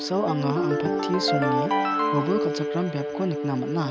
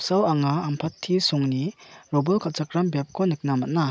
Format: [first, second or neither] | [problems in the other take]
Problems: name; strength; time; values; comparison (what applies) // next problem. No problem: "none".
second | background sound (Ringtone + Bowed string instrument); 1 dB above the speech